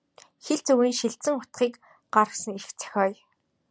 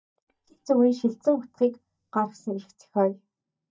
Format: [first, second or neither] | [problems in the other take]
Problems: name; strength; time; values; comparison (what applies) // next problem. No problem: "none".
first | noise reduction (neural mask model DeepFilterNet 3)